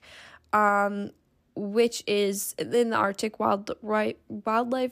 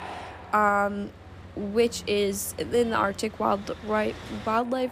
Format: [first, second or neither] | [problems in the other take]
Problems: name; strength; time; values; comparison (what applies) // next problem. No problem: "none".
first | machinery noise; noticeable; throughout; 15 dB below the speech